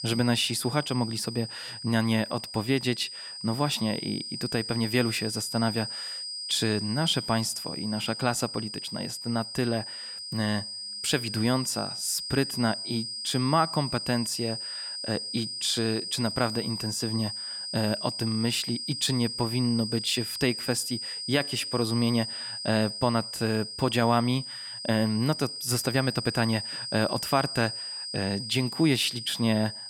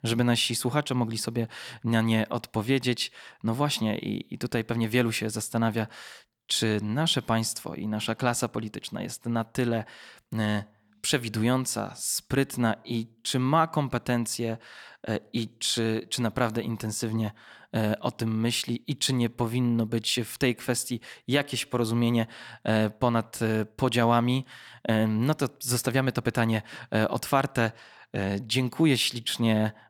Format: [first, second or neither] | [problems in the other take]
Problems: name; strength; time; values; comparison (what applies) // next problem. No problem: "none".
second | high-pitched whine; loud; throughout; 5 kHz, 5 dB below the speech